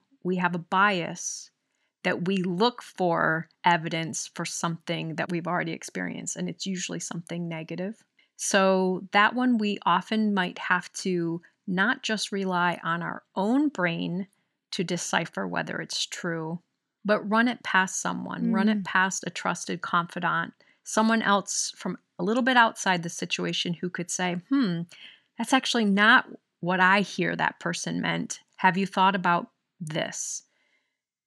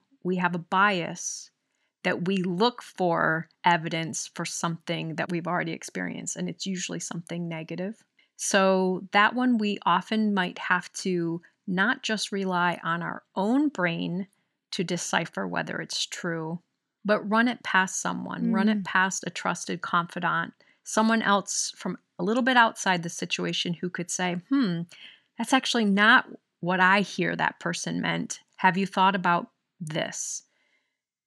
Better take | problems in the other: neither | none

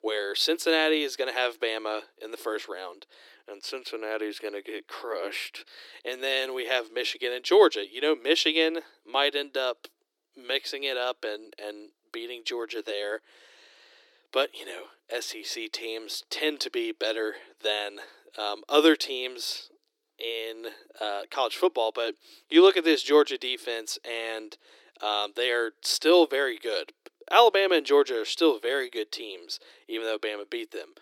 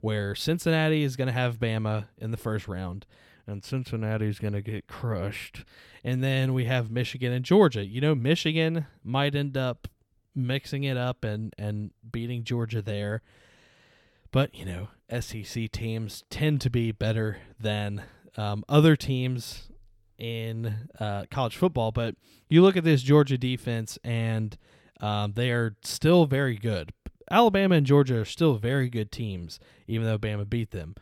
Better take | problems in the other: second | thin; very; fading below 300 Hz

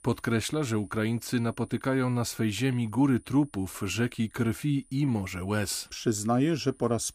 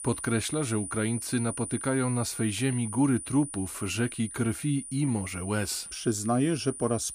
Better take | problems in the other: first | high-pitched whine; loud; throughout; 9.5 kHz, 8 dB below the speech; faint in the first

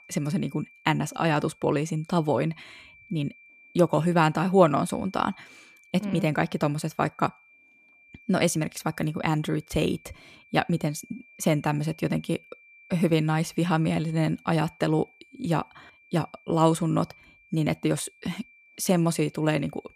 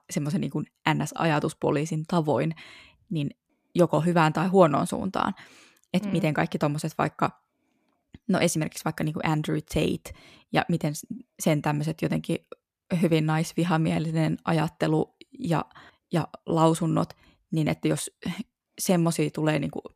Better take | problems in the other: second | high-pitched whine; faint; throughout; 2.5 kHz, 25 dB below the speech

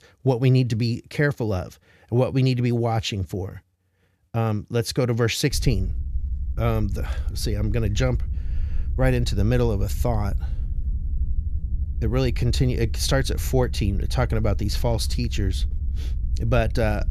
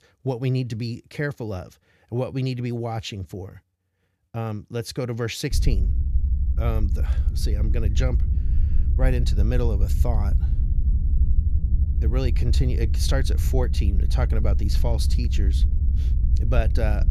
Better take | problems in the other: first | low rumble; loud; from 5.5 s on; 10 dB below the speech; faint in the first

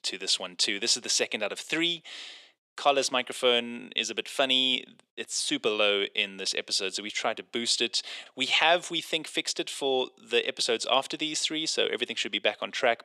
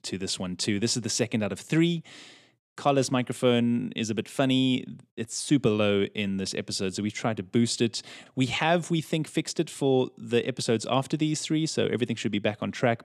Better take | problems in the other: second | thin; somewhat; fading below 550 Hz

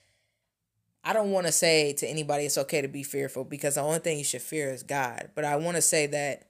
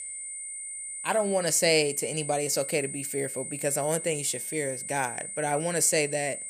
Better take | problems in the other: first | high-pitched whine; loud; throughout; 9 kHz, 7 dB below the speech

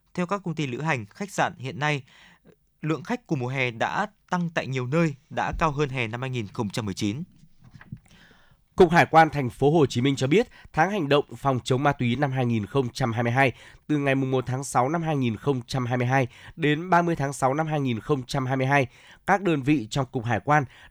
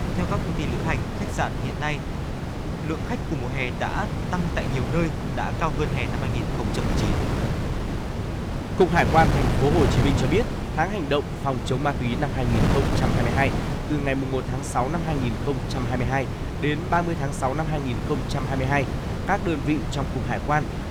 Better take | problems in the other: first | wind noise on the microphone; heavy; 5 dB below the speech

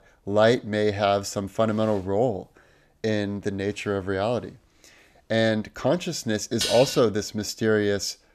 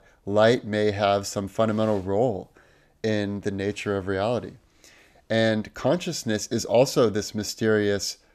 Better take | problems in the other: second | clattering dishes; noticeable; at 6.5 s; peak 2 dB below the speech

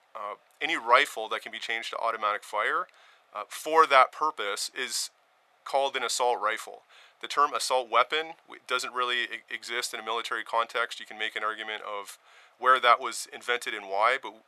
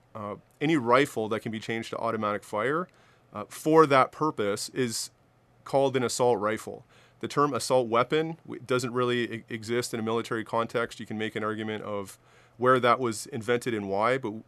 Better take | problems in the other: second | thin; very; fading below 850 Hz

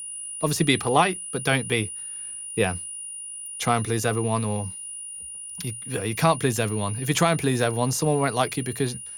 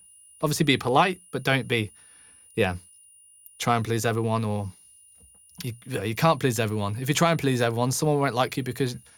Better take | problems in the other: second | high-pitched whine; loud; throughout; 9.5 kHz, 9 dB below the speech; faint in the second

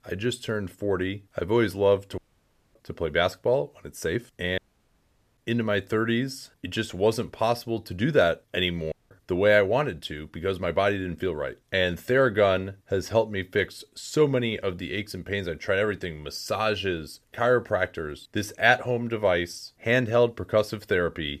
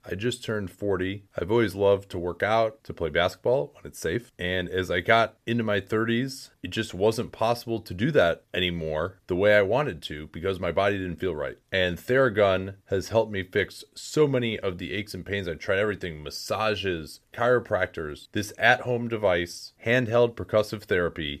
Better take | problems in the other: second | audio cutting out; at 2 s for 0.5 s, at 4.5 s for 1 s and at 9 s

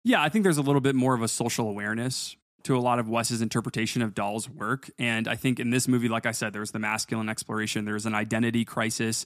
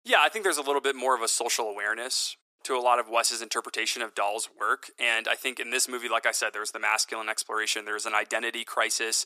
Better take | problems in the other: first | thin; very; fading below 400 Hz

